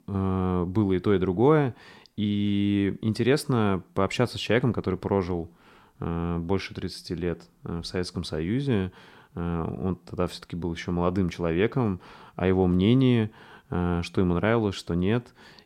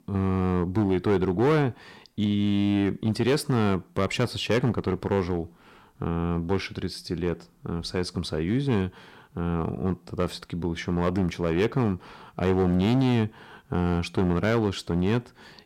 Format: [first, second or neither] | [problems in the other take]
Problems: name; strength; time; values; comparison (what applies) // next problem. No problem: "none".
first | distortion; slight; 6% of the sound clipped